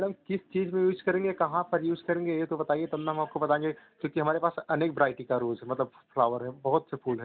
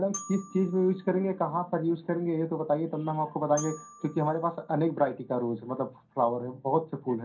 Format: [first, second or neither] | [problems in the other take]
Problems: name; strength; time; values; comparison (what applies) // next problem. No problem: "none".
first | background sound (Glockenspiel); 19 dB below the speech // room echo; dies away in 0.3 s